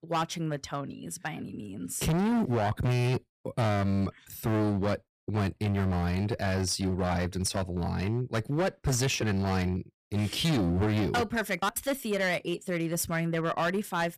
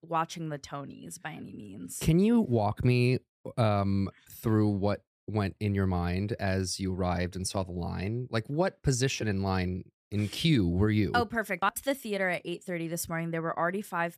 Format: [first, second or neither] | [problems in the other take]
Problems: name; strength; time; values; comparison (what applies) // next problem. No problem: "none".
second | distortion; heavy; 16% of the sound clipped